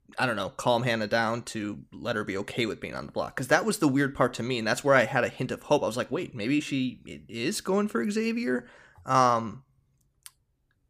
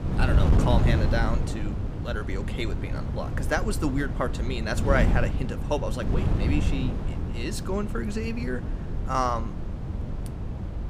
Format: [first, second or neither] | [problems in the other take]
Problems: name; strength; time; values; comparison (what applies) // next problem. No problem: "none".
first | wind noise on the microphone; heavy; 7 dB below the speech